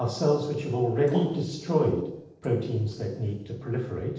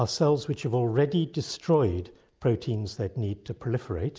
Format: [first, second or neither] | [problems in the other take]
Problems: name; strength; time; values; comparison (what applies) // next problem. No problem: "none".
second | noise reduction (neural separator model SepFormer DNS4)